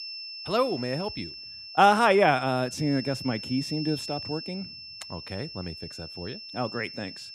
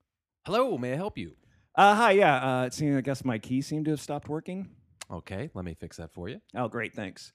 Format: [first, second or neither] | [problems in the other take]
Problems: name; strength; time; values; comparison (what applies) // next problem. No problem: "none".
second | high-pitched whine; noticeable; throughout; 5.5 kHz, 10 dB below the speech